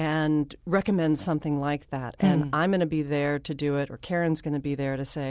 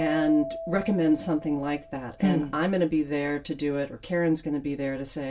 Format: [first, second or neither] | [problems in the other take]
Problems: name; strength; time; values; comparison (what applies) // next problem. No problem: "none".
first | background sound (Keyboard (musical)); 14 dB below the speech // room echo; dies away in 0.2 s